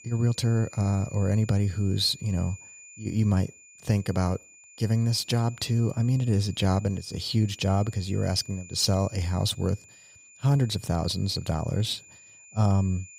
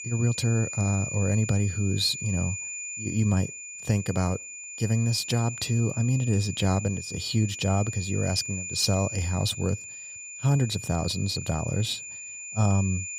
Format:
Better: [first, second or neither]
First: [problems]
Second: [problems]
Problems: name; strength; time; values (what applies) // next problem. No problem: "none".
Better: first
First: high-pitched whine; faint; throughout; 2.5 kHz, 20 dB below the speech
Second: high-pitched whine; loud; throughout; 2.5 kHz, 8 dB below the speech